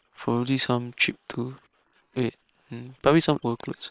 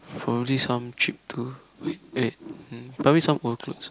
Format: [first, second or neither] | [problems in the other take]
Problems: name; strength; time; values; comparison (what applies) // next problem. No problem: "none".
second | noise reduction (neural separator model SepFormer WHAM!)